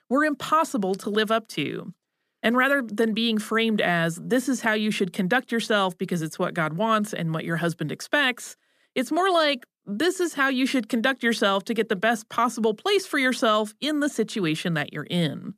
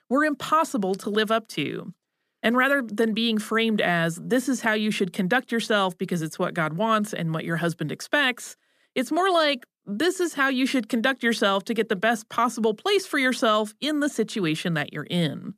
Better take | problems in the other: neither | none

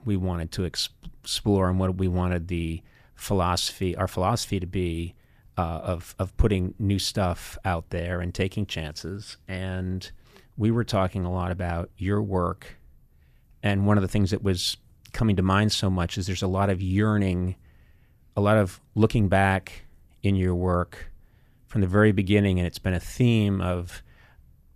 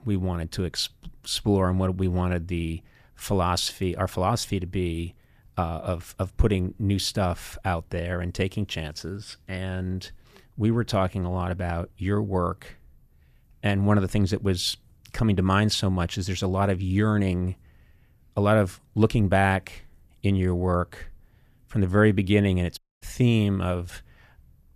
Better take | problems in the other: first | audio cutting out; at 23 s

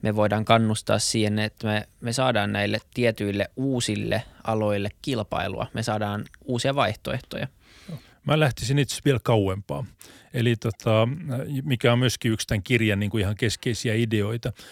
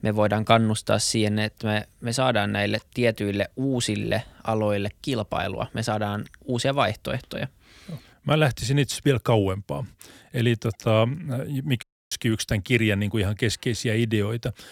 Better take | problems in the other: first | audio cutting out; at 12 s

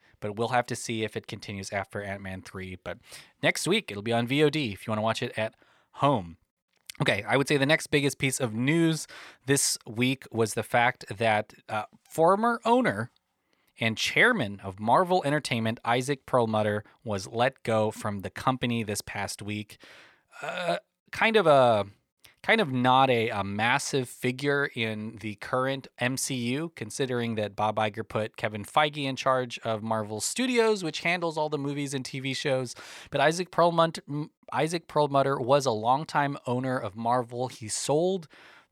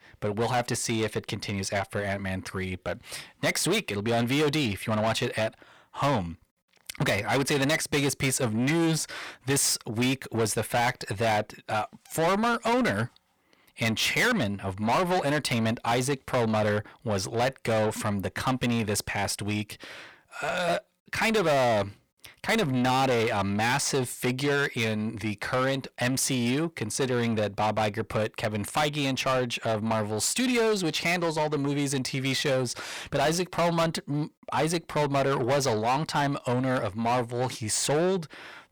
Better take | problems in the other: first | distortion; heavy; 6 dB below the speech

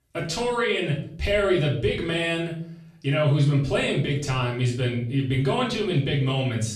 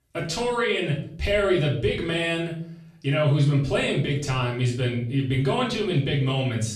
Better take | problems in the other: neither | off-mic speech; far; the same in both // room echo; slight; dies away in 0.4 s; the same in both

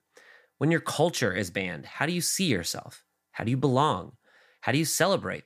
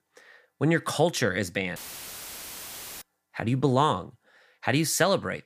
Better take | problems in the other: first | audio cutting out; filled with static; at 2 s for 1.5 s

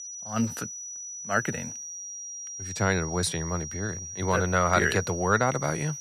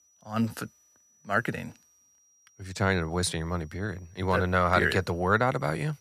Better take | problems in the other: second | high-pitched whine; loud; throughout; 5.5 kHz, 8 dB below the speech; faint in the second

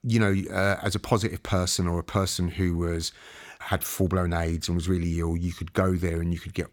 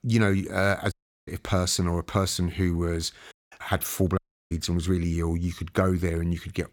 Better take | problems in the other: first | audio cutting out; at 1 s, at 3.5 s and at 4 s

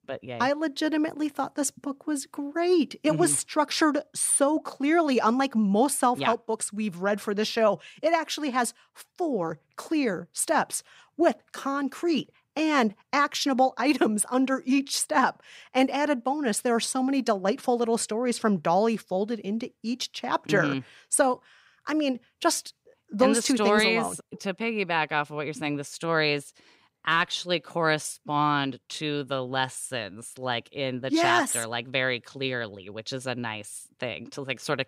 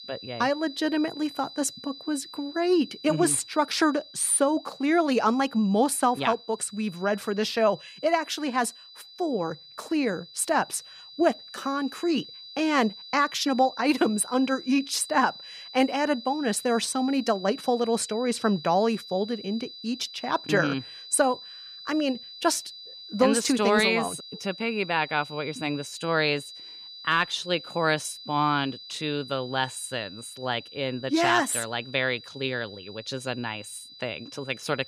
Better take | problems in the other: first | high-pitched whine; noticeable; throughout; 4 kHz, 15 dB below the speech

